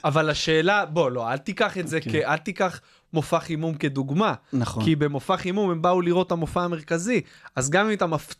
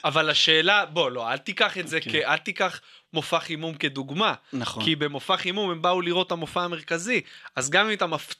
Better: first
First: none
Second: thin; very slightly; fading below 250 Hz

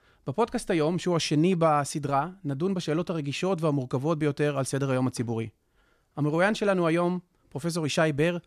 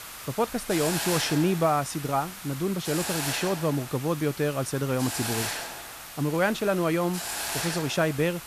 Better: first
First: none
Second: hiss; loud; throughout; 6 dB below the speech

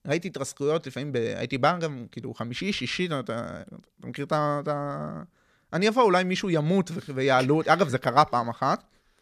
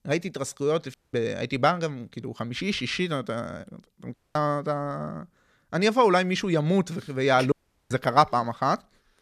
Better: first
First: none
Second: audio cutting out; at 1 s, at 4 s and at 7.5 s

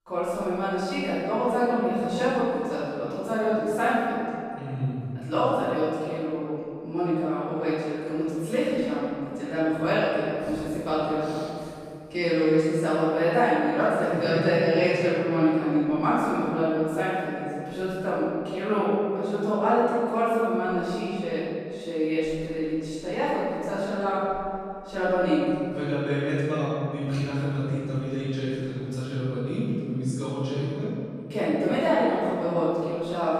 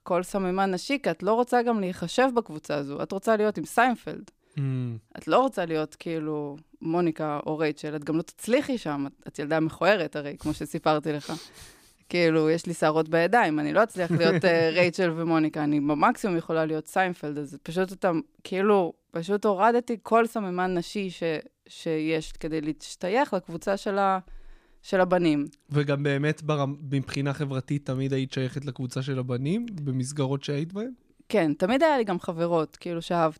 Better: second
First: off-mic speech; far // room echo; strong; dies away in 2.4 s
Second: none

